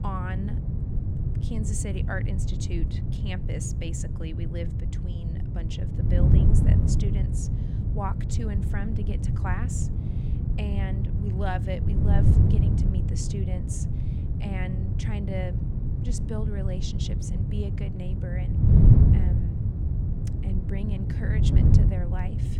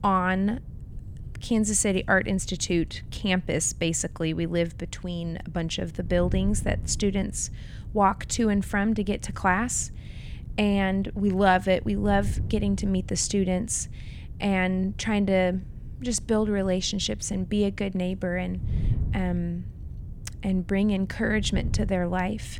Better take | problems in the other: second | wind noise on the microphone; heavy; as loud as the speech; occasional gusts in the second

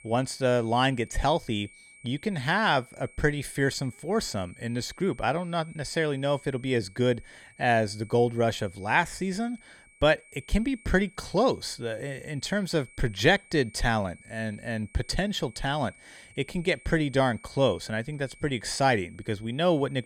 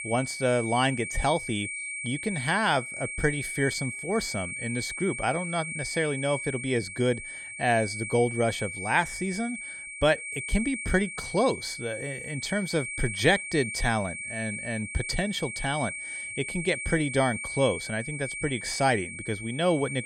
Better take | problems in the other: first | high-pitched whine; loud; throughout; 2.5 kHz, 6 dB below the speech; faint in the first

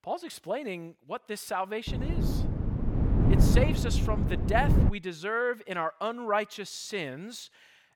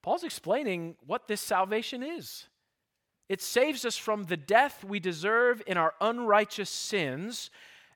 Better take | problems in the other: second | wind noise on the microphone; heavy; from 2 to 5 s; 5 dB below the speech

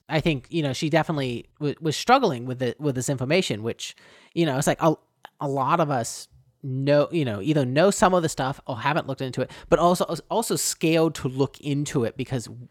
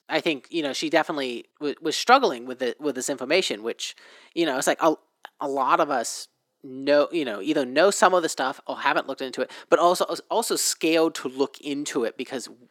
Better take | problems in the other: first | thin; somewhat; fading below 250 Hz

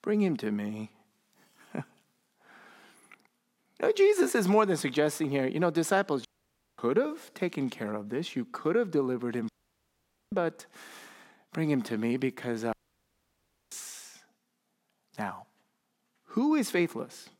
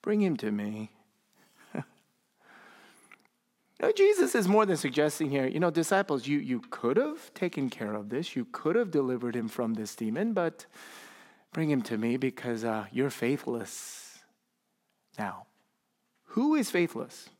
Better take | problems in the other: second | audio cutting out; at 6.5 s for 0.5 s, at 9.5 s for 1 s and at 13 s for 1 s

